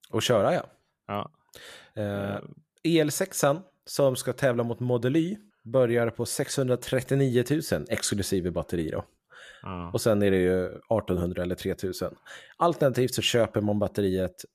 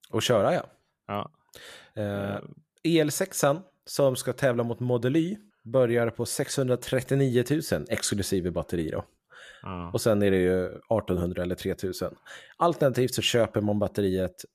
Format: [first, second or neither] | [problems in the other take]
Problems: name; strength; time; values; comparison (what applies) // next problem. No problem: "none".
neither | none